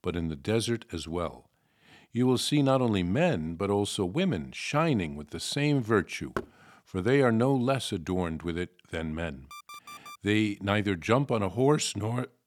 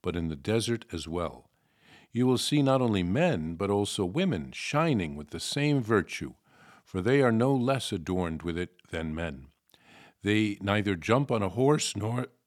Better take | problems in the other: second | door banging; noticeable; at 6.5 s; peak 10 dB below the speech // alarm; faint; at 9.5 s; peak 15 dB below the speech

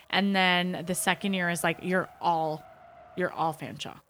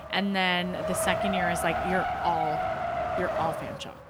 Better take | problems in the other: first | wind noise on the microphone; heavy; as loud as the speech; occasional gusts in the first

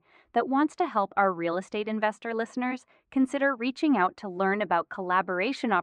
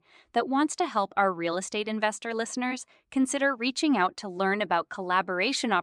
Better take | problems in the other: second | muffled; slightly; fading above 3.5 kHz

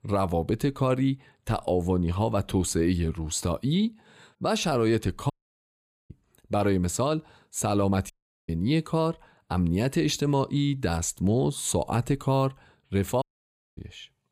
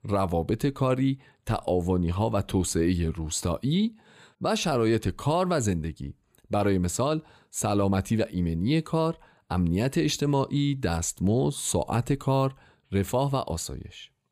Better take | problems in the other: second | audio cutting out; at 5.5 s for 1 s, at 8 s and at 13 s for 0.5 s

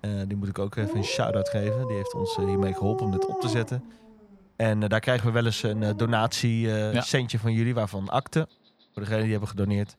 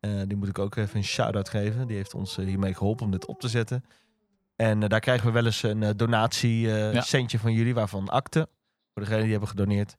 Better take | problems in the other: second | animal sounds; loud; throughout; 5 dB below the speech; faint in the second

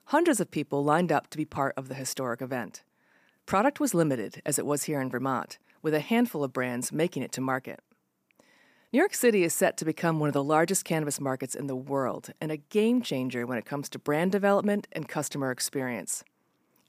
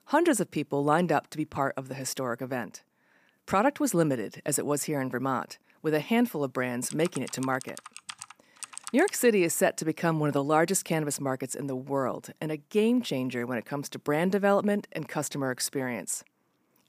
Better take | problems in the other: first | keyboard typing; faint; from 7 to 9 s; peak 10 dB below the speech

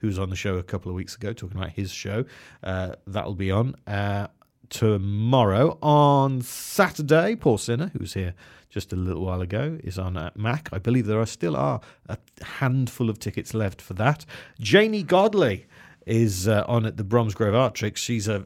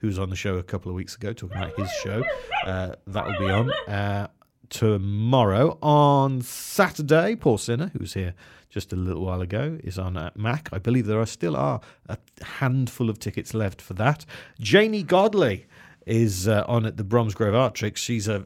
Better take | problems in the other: first | dog barking; noticeable; from 1.5 to 4 s; peak 2 dB below the speech

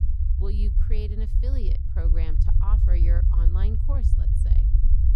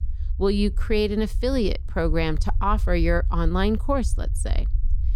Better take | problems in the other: second | low rumble; loud; throughout; 1 dB below the speech; faint in the second

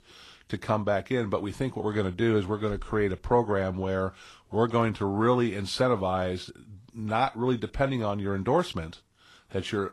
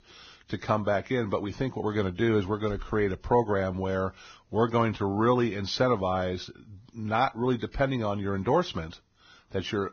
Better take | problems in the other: first | garbled, watery; badly; nothing above 6.5 kHz; slightly in the first

